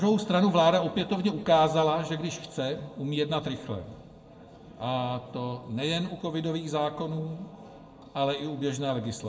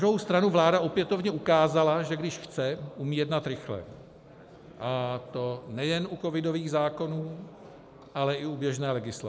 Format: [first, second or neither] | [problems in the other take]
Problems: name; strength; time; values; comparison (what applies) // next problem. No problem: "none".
second | room echo; dies away in 0.8 s